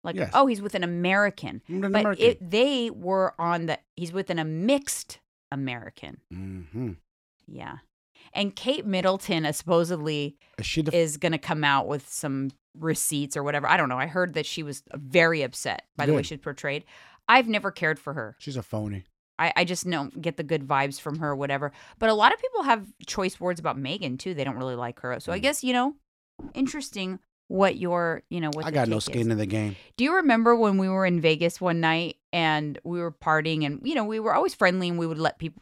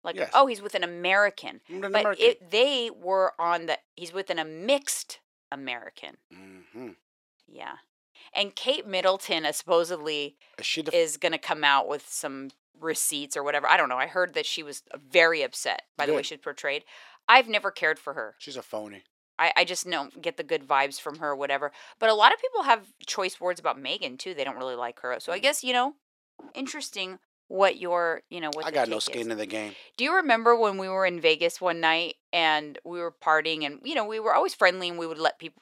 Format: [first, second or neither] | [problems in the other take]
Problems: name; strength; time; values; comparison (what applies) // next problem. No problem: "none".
first | thin; somewhat; fading below 500 Hz